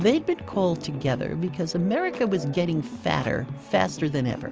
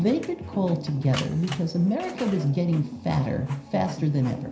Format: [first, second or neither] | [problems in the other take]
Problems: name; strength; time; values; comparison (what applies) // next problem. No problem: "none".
first | background sound (Printer); 18 dB below the speech // room echo; dies away in 0.5 s